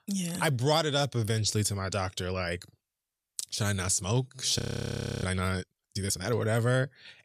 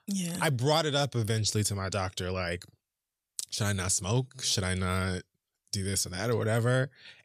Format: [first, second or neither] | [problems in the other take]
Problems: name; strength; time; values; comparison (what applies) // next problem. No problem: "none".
second | audio freezing; at 4.5 s for 0.5 s